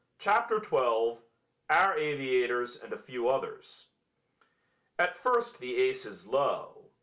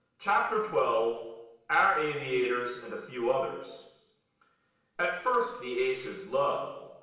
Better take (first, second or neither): first